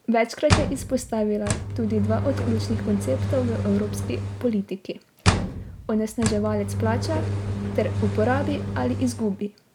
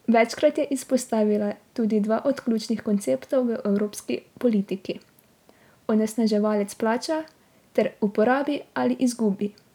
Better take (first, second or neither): second